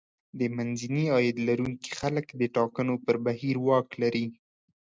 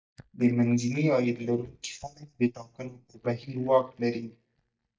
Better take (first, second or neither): first